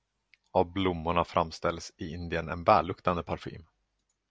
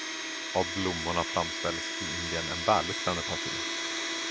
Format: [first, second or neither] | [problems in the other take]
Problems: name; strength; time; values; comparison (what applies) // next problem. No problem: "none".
first | background sound (Domestic sounds, home sounds); 1 dB below the speech